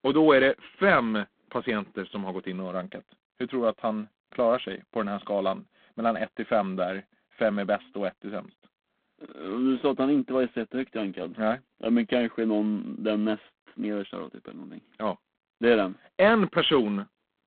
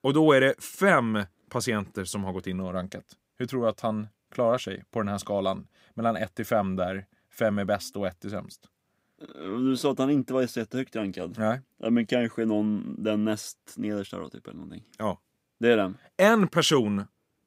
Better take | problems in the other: second | phone-call audio; poor line

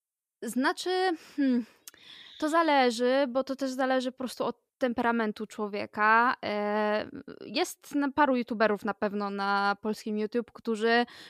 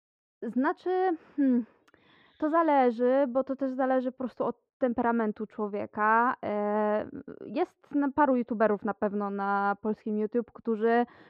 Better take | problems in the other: first | muffled; very; fading above 3.5 kHz

